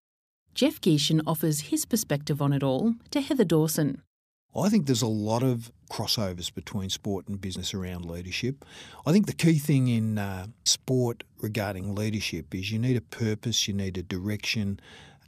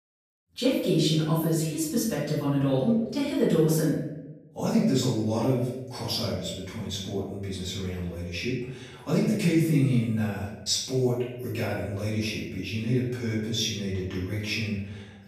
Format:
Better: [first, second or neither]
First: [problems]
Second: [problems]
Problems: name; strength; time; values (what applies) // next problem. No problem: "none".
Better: first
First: none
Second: off-mic speech; far // room echo; noticeable; dies away in 0.8 s